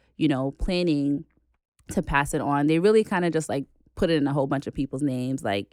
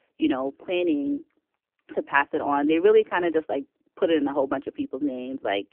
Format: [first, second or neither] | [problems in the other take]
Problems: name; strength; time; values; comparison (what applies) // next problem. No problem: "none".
first | phone-call audio; poor line; nothing above 3 kHz